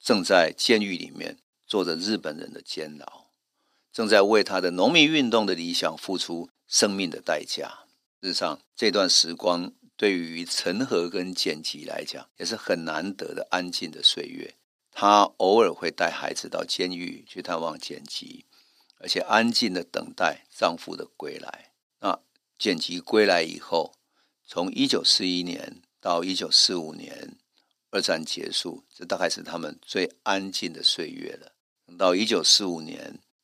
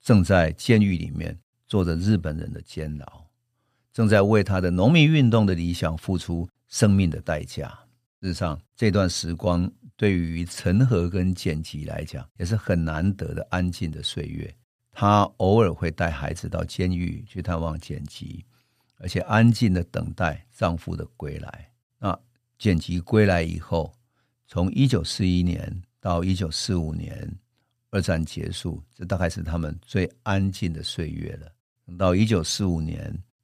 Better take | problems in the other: second | thin; somewhat; fading below 300 Hz

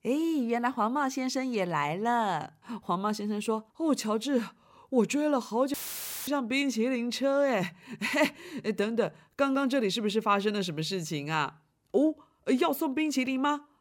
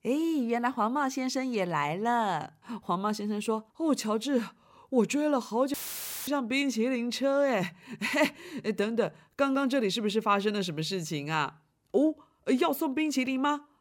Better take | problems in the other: neither | audio cutting out; filled with static; at 5.5 s for 0.5 s; the same in both

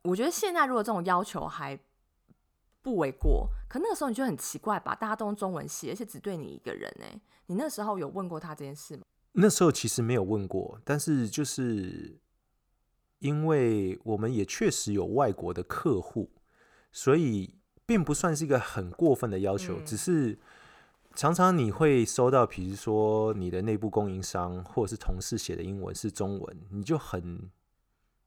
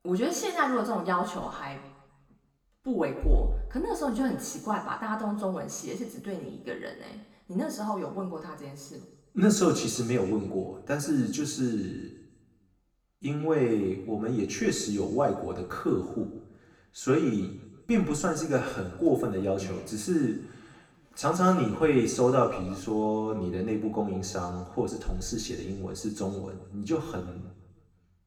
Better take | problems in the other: first | room echo; slight; dies away in 0.9 s // off-mic speech; far

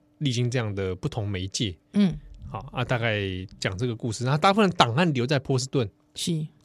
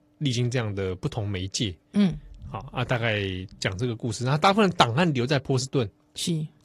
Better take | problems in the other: first | garbled, watery; slightly; nothing above 14 kHz

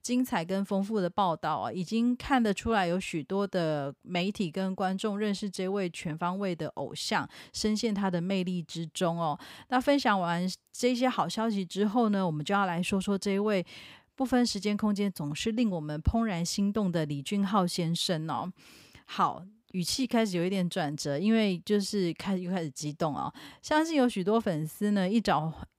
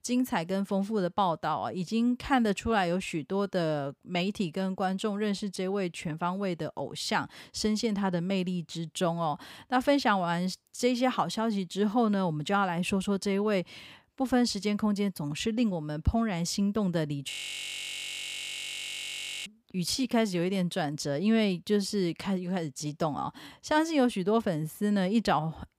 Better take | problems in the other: first | audio freezing; at 17 s for 2 s

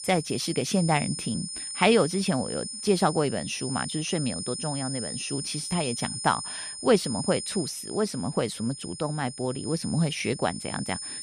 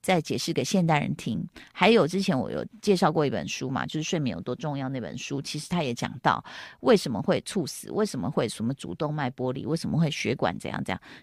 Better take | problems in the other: second | high-pitched whine; loud; throughout; 9 kHz, 6 dB below the speech

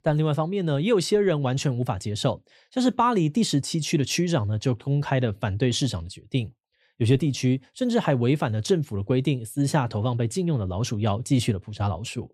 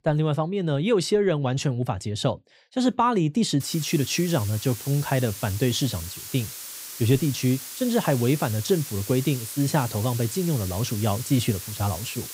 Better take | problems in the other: first | hiss; loud; from 3.5 s on; 10 dB below the speech

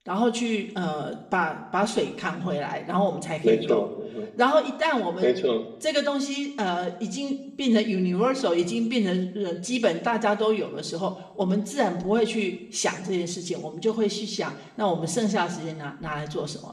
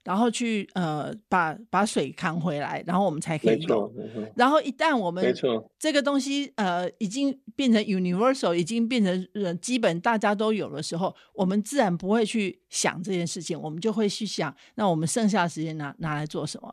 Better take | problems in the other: second | room echo; very slight; dies away in 0.7 s // off-mic speech; somewhat distant

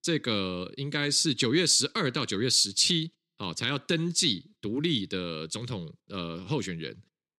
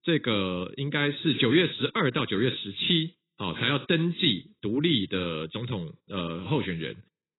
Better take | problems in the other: first | garbled, watery; badly; nothing above 4 kHz

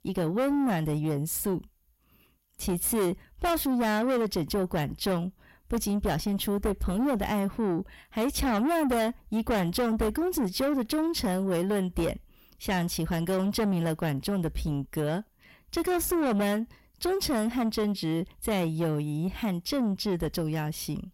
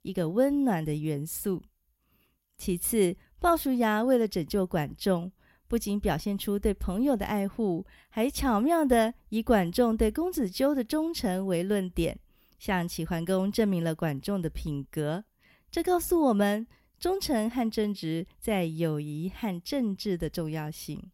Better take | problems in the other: second | distortion; heavy; 7 dB below the speech

